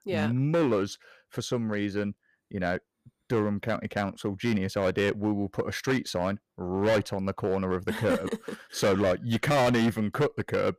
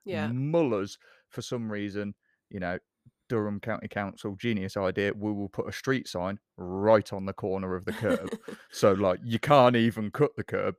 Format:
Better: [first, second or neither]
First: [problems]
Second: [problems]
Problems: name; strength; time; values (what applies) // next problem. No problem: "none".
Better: second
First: distortion; heavy; 8% of the sound clipped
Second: none